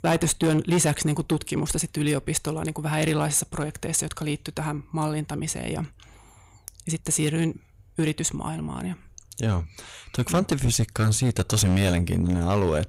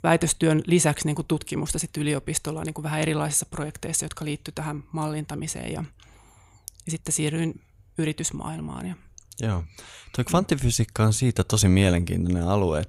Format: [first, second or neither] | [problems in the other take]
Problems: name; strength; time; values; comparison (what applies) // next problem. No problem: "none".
second | distortion; slight; 6% of the sound clipped